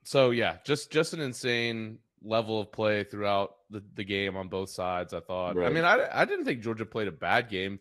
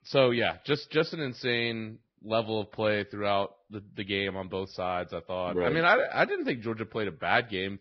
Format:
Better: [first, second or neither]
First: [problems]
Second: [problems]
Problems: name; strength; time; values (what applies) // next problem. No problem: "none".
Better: first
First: garbled, watery; slightly; nothing above 12.5 kHz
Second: garbled, watery; badly; nothing above 5.5 kHz